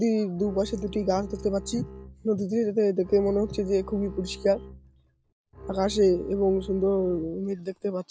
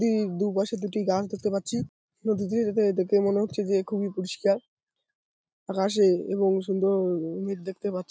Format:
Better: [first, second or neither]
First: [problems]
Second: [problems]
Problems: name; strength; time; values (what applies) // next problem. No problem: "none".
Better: second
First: background sound (Bowed string instrument); 15 dB below the speech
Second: none